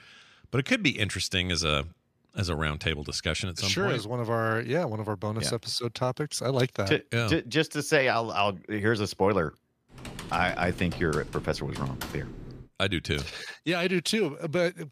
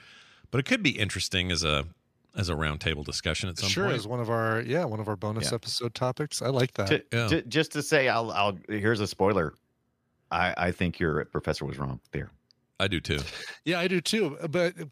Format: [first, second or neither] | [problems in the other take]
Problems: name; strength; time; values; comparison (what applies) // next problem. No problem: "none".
second | keyboard typing; noticeable; from 10 to 13 s; peak 10 dB below the speech